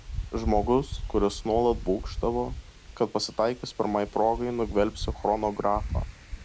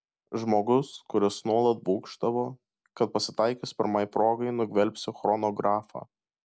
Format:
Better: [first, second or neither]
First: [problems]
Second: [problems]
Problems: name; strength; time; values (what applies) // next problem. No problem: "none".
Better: second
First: background sound (Wind); 8 dB below the speech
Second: none